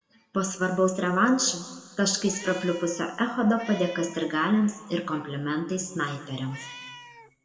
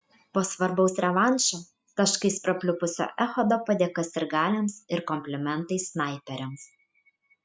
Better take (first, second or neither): second